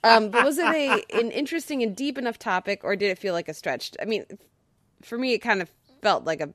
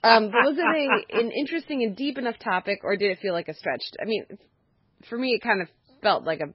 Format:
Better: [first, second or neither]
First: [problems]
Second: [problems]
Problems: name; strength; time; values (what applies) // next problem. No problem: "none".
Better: first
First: none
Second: garbled, watery; badly; nothing above 5 kHz